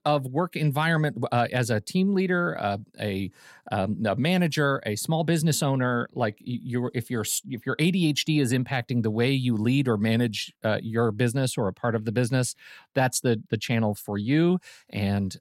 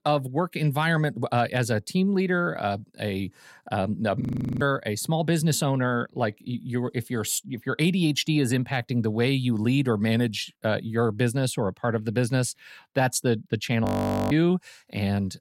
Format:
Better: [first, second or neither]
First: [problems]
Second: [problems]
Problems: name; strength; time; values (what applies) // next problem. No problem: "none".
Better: first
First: none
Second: audio freezing; at 4 s and at 14 s